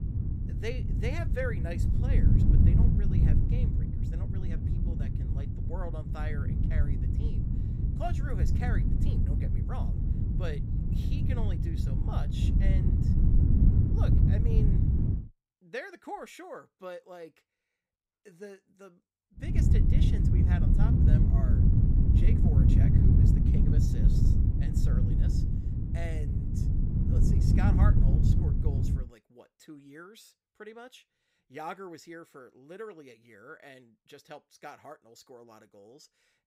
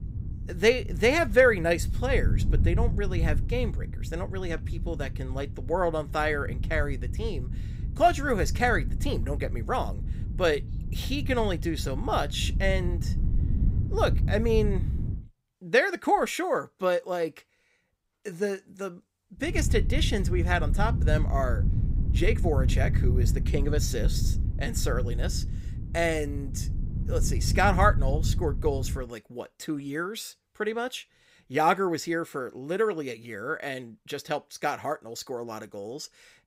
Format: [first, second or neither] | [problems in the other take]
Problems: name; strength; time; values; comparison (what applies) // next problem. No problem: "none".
second | wind noise on the microphone; heavy; until 15 s and from 19 to 29 s; 3 dB above the speech; occasional gusts in the second